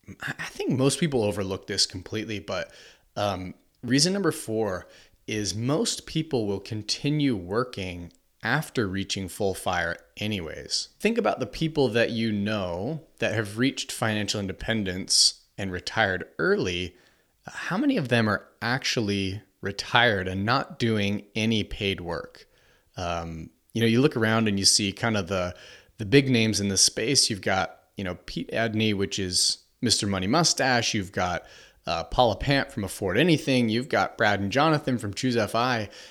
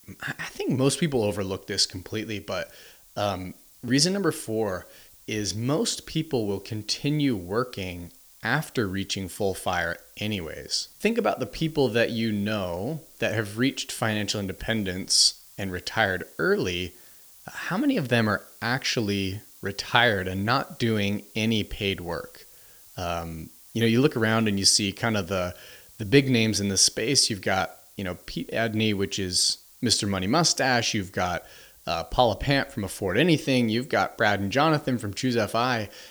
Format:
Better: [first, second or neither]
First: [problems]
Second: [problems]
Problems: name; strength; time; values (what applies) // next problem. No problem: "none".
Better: first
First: none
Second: hiss; faint; throughout; 25 dB below the speech